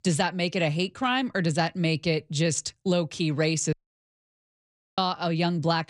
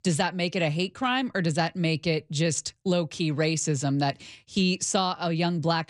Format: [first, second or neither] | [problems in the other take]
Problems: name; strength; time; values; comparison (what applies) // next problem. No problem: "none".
second | audio cutting out; at 3.5 s for 1.5 s